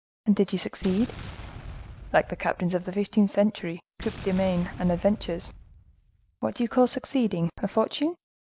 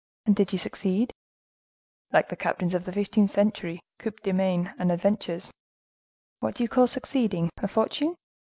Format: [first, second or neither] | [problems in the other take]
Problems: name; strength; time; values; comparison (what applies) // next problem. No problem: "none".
second | background sound (Explosion); 15 dB below the speech